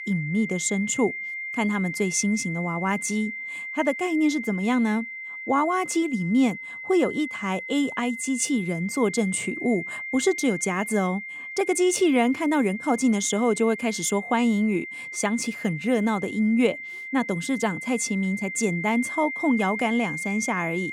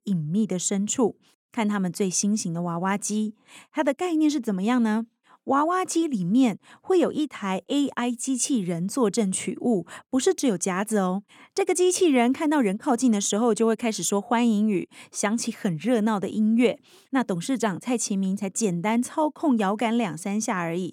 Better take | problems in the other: second | high-pitched whine; loud; throughout; 2 kHz, 8 dB below the speech

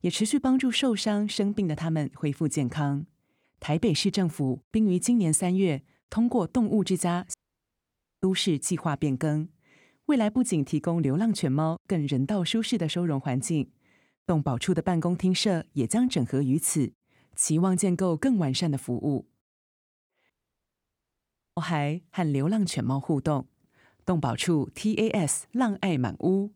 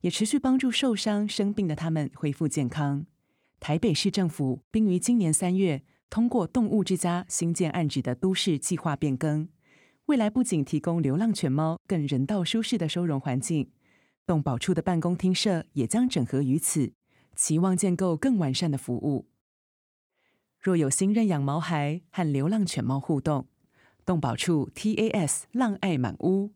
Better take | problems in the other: second | audio cutting out; at 7.5 s for 1 s and at 20 s for 1.5 s

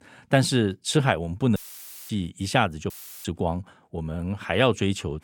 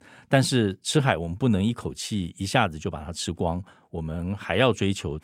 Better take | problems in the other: second | audio cutting out; filled with static; at 1.5 s for 0.5 s and at 3 s

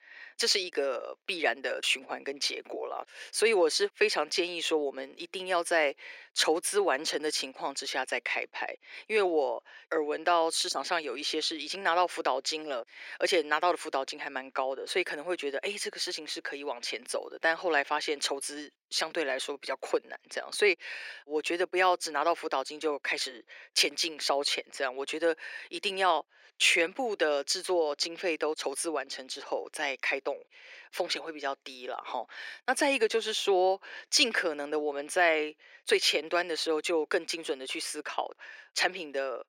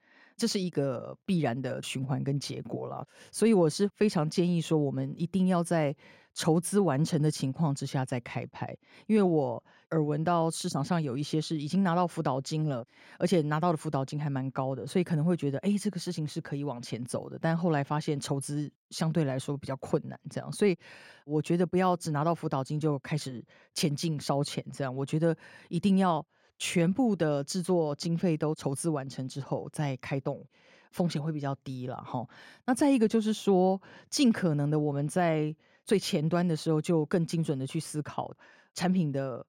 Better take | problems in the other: second | thin; very; fading below 350 Hz

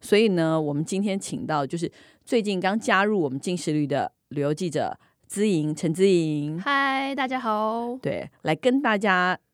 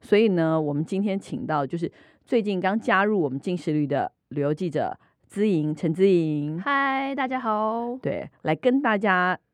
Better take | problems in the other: first | muffled; slightly; fading above 3.5 kHz

